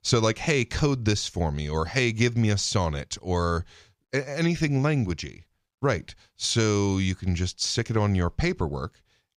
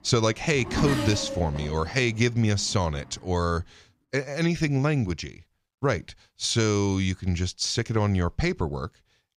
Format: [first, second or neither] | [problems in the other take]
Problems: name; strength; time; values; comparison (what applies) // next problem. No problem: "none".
first | traffic noise; loud; until 3 s; 7 dB below the speech